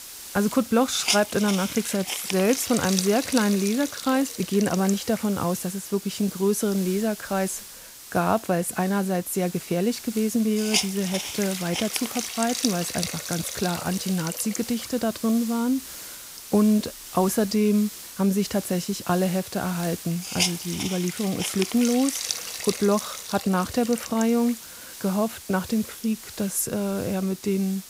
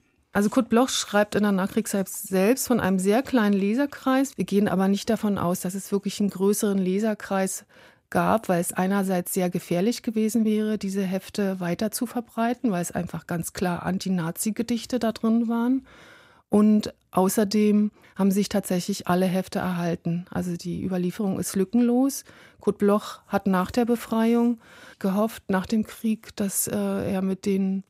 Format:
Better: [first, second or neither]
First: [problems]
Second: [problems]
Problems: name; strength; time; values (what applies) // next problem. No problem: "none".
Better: second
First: hiss; loud; throughout; 7 dB below the speech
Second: none